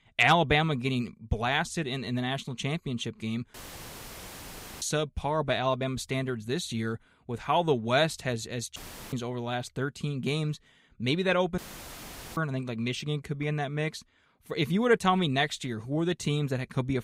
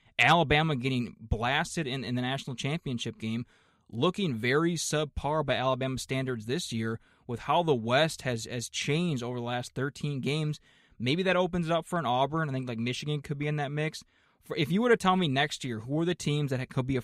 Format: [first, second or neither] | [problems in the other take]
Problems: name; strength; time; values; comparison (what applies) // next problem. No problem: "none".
second | audio cutting out; filled with static; at 3.5 s for 1.5 s, at 9 s and at 12 s for 1 s